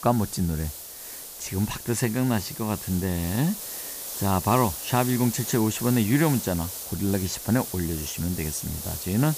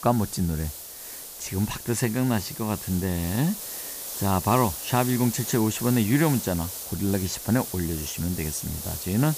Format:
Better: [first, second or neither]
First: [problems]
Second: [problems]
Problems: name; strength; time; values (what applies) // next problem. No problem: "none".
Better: neither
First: hiss; loud; throughout; 7 dB below the speech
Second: hiss; loud; throughout; 7 dB below the speech